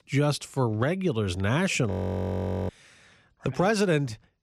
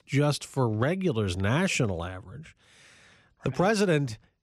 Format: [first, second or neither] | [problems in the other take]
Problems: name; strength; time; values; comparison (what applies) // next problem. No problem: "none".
second | audio freezing; at 2 s for 1 s